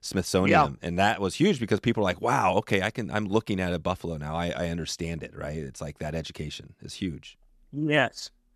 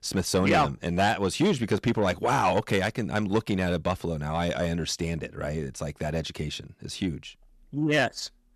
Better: first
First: none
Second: distortion; slight; 10 dB below the speech

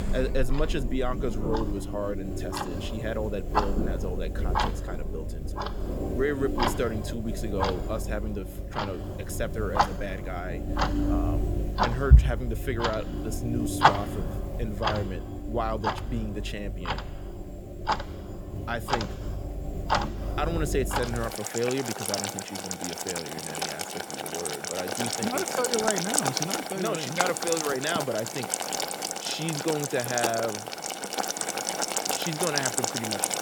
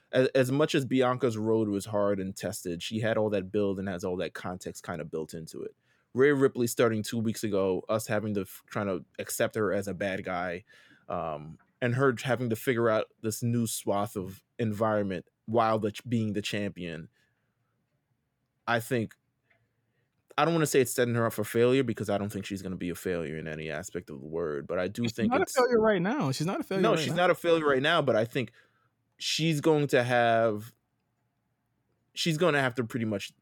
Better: second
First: household noises; very loud; throughout; 3 dB above the speech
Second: none

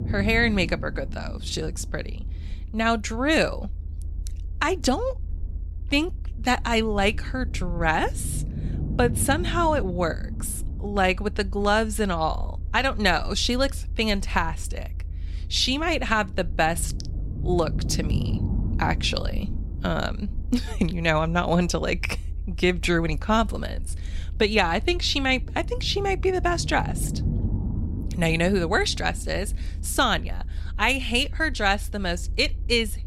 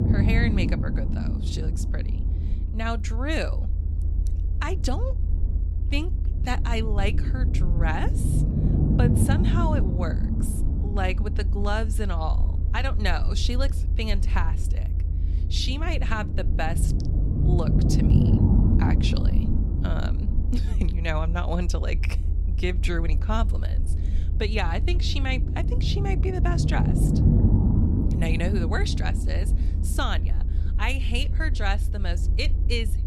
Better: first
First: low rumble; faint; throughout; 20 dB below the speech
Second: low rumble; loud; throughout; 6 dB below the speech

